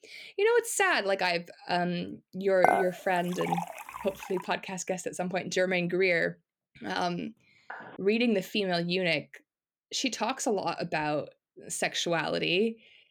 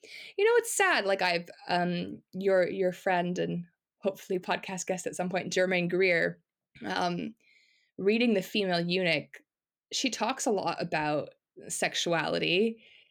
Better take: second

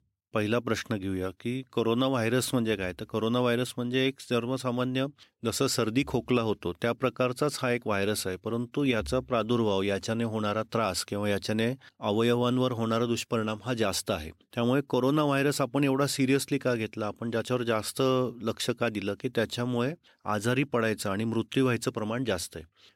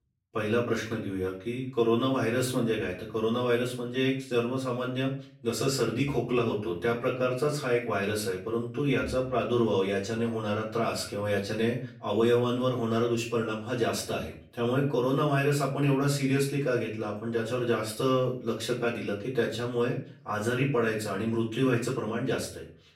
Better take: first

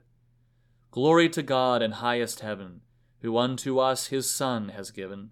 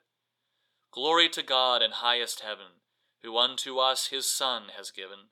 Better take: first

